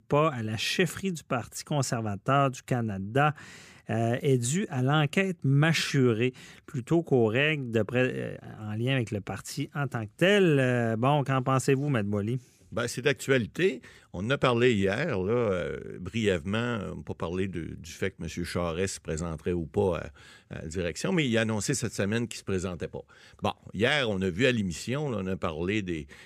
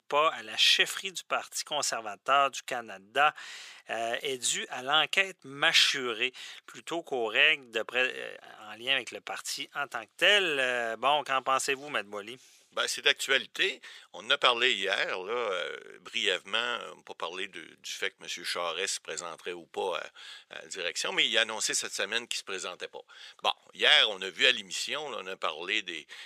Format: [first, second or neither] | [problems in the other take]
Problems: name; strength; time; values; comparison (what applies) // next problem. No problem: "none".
first | thin; very; fading below 750 Hz